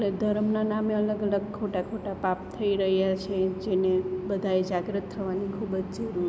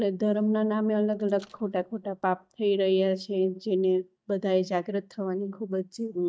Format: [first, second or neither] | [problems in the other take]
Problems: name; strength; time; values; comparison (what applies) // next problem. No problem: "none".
first | noise reduction (neural mask model DeepFilterNet 3)